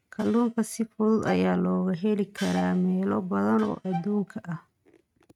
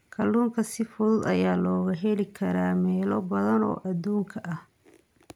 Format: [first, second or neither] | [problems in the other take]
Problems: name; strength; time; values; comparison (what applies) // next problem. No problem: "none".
second | noise reduction (neural mask model RNNoise)